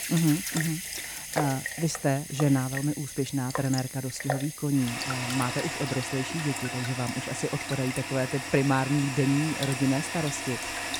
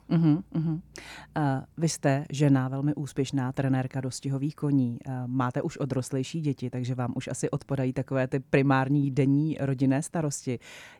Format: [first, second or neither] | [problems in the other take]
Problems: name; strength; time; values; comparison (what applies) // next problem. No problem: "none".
second | household noises; loud; throughout; 4 dB below the speech